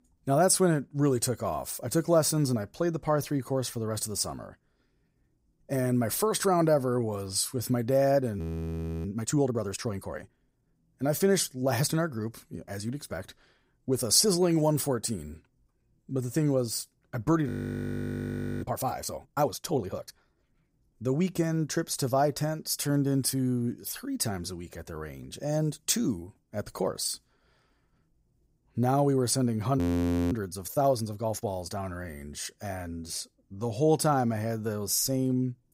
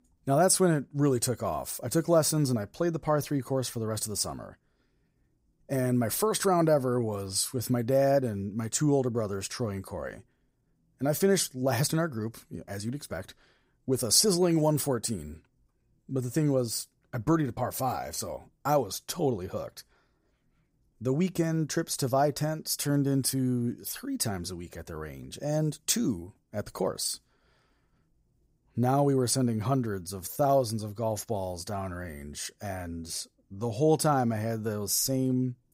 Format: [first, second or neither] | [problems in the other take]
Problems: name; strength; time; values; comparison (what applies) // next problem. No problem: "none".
second | audio freezing; at 8.5 s for 0.5 s, at 17 s for 1 s and at 30 s for 0.5 s